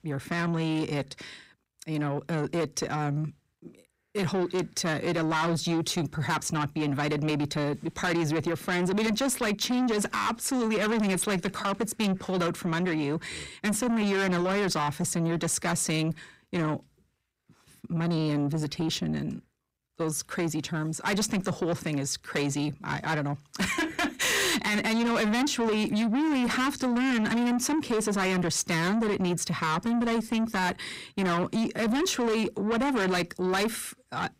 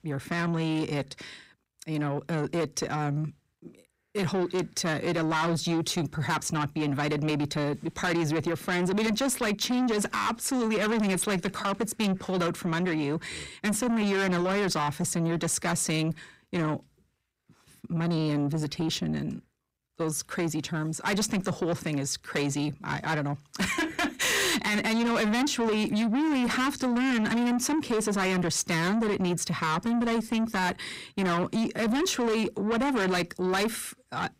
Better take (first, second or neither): neither